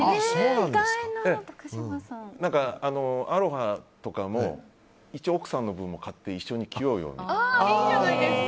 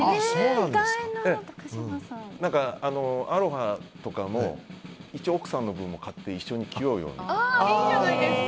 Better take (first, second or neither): first